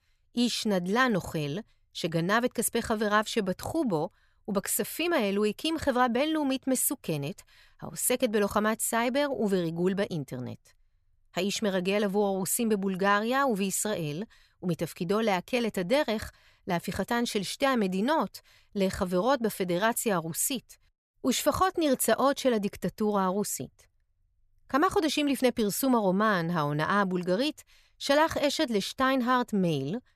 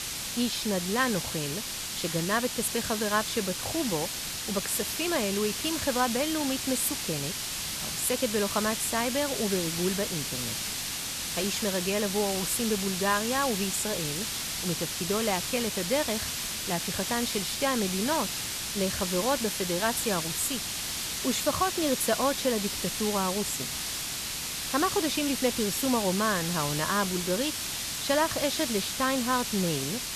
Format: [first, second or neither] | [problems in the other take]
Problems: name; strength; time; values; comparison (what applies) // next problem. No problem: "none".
first | hiss; loud; throughout; 1 dB below the speech